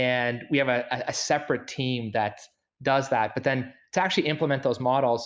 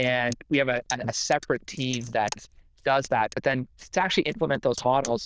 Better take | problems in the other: first | noise reduction (neural diffusion model UNIVERSE++)

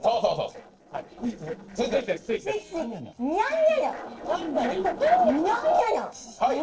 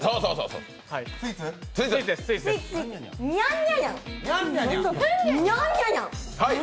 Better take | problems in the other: second | noise reduction (neural separator model SepFormer DNS4)

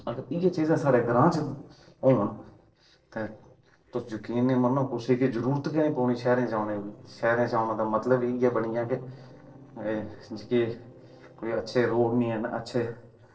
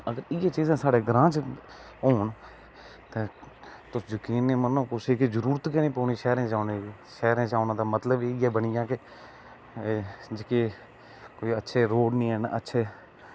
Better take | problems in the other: second | noise reduction (neural separator model SepFormer DNS4)

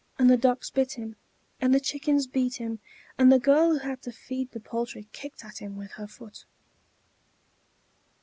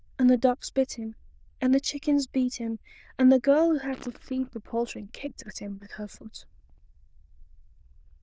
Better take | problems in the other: first | noise reduction (neural diffusion model UNIVERSE++)

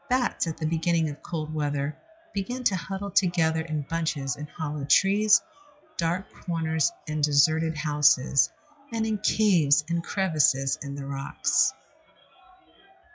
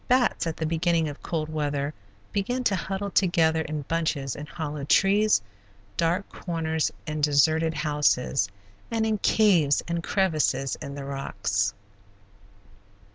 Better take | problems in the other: second | noise reduction (classical method WPE with log-MMSE)

